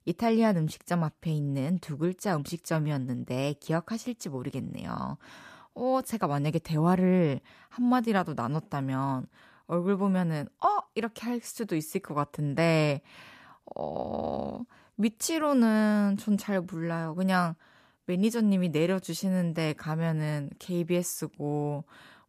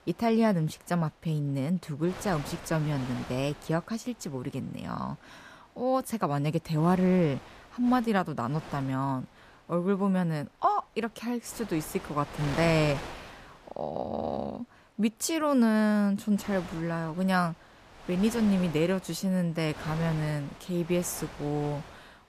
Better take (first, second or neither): first